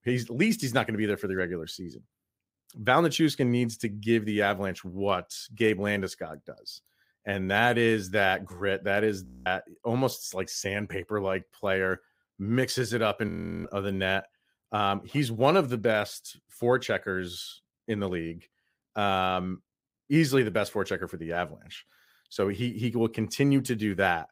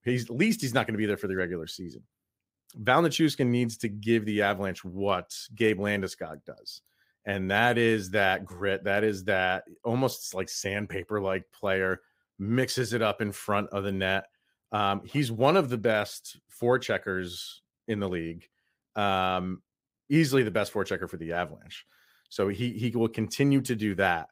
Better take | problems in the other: second | audio freezing; at 9.5 s and at 13 s

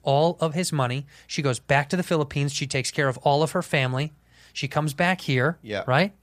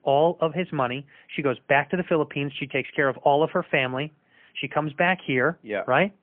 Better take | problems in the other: first | phone-call audio; poor line; nothing above 3 kHz

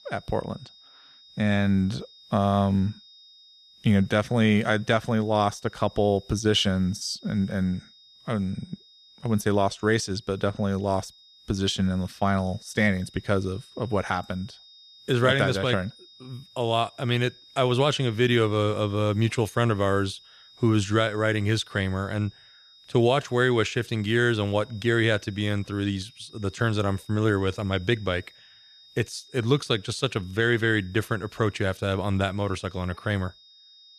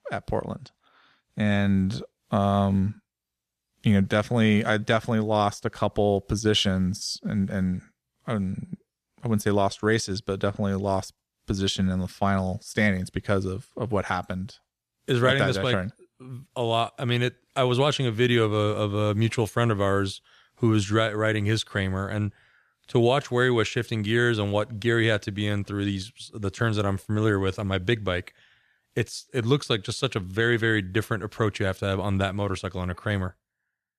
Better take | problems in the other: second | high-pitched whine; faint; throughout; 3.5 kHz, 25 dB below the speech

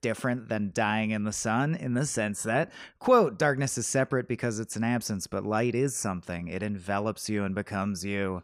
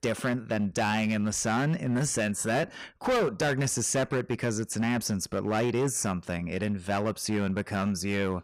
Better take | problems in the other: first | distortion; heavy; 12% of the sound clipped

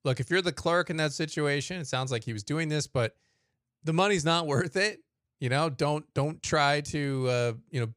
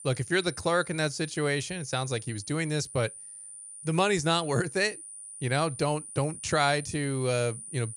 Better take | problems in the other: first | high-pitched whine; noticeable; throughout; 9.5 kHz, 10 dB below the speech

